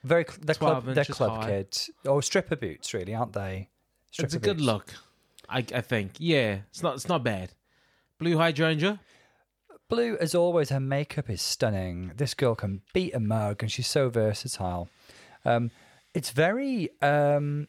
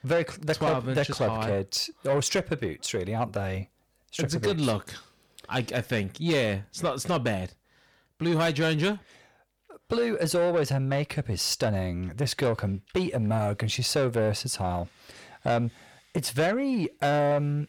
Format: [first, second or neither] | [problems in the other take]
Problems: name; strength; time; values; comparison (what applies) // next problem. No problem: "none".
first | distortion; slight; 10 dB below the speech